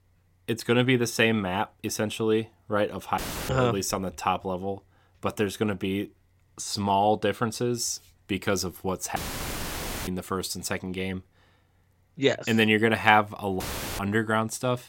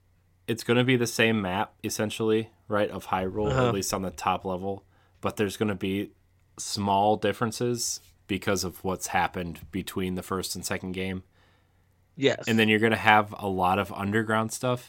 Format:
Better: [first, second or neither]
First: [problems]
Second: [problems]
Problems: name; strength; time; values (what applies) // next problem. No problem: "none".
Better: second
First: audio cutting out; filled with static; at 3 s, at 9 s for 1 s and at 14 s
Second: none